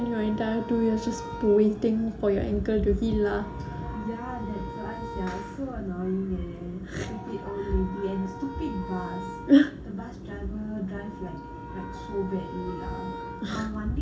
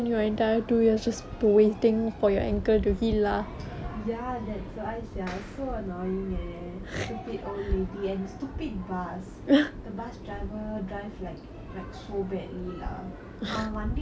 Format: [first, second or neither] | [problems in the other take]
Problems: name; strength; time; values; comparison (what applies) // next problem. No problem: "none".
second | background sound (Wind instrument, woodwind instrument); 14 dB below the speech // room echo; dies away in 0.4 s